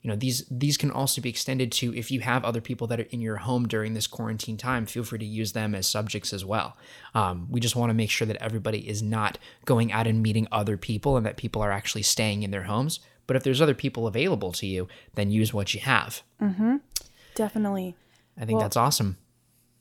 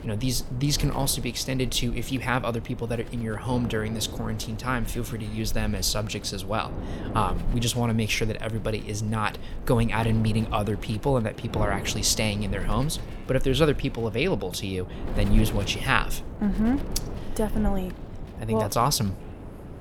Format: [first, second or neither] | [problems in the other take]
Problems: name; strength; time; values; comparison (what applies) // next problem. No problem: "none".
first | wind noise on the microphone; occasional gusts; 15 dB below the speech